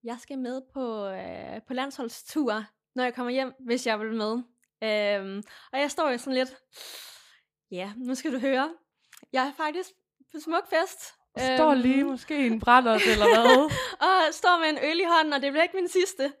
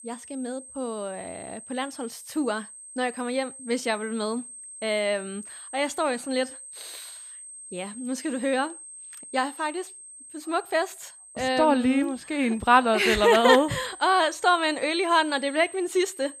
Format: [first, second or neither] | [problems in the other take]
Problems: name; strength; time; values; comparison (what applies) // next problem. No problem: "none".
first | high-pitched whine; noticeable; throughout; 8.5 kHz, 15 dB below the speech